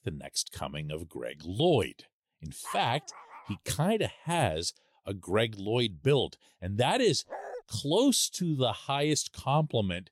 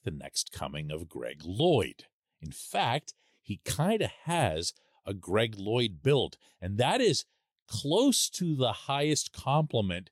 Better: second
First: dog barking; faint; at 2.5 s and at 7.5 s; peak 10 dB below the speech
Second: none

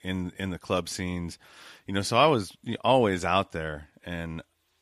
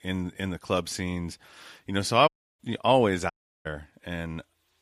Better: first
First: none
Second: audio cutting out; at 2.5 s and at 3.5 s

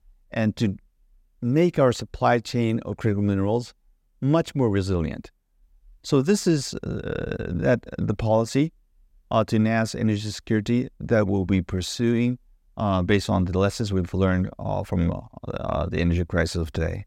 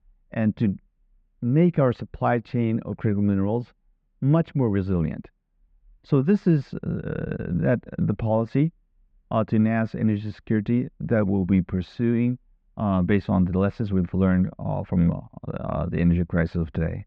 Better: first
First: none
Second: muffled; very; fading above 2.5 kHz

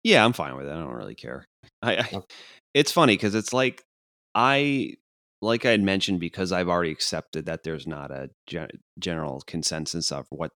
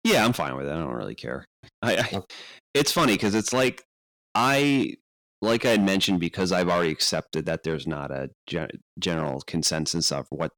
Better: first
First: none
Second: distortion; heavy; 7% of the sound clipped

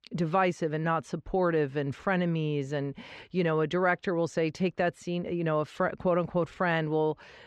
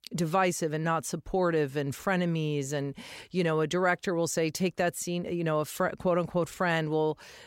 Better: second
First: muffled; slightly; fading above 3 kHz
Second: none

